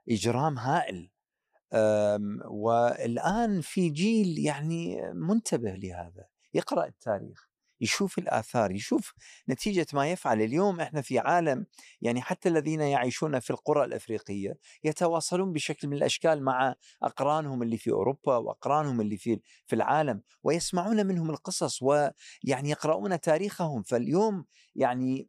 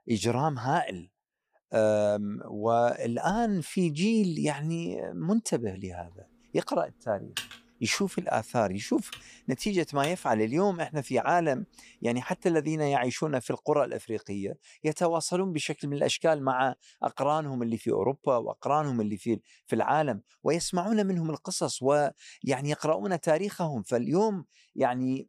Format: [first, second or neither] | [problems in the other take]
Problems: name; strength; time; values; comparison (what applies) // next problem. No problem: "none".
first | keyboard typing; noticeable; from 7.5 to 10 s; peak 8 dB below the speech